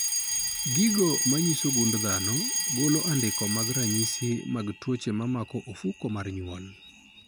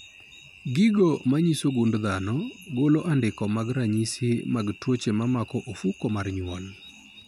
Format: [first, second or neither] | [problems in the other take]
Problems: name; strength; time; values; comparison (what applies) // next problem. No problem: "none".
second | background sound (Alarm); 2 dB below the speech